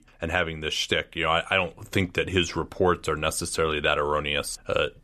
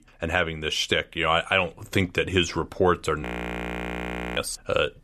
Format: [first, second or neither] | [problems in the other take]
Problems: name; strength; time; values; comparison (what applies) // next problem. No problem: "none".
first | audio freezing; at 3 s for 1 s